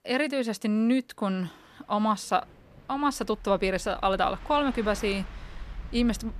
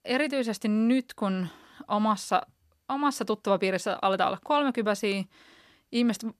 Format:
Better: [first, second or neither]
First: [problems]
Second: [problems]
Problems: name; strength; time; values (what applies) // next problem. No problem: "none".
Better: second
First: train or aircraft noise; noticeable; throughout; 15 dB below the speech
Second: none